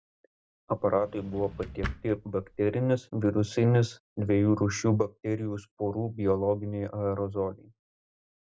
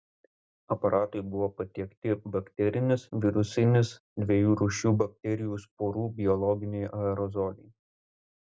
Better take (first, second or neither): second